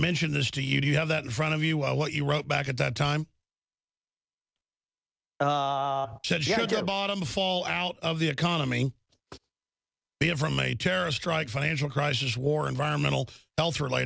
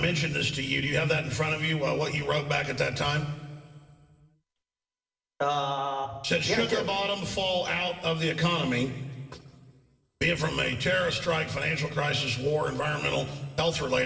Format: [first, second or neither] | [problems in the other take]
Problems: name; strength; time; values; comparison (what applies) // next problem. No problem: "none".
first | room echo; dies away in 2.6 s